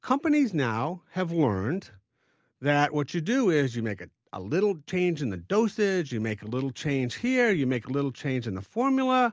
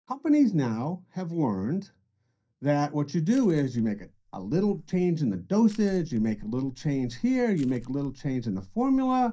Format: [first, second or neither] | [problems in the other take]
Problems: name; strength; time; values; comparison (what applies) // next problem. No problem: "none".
first | noise reduction (neural mask model DeepFilterNet 3)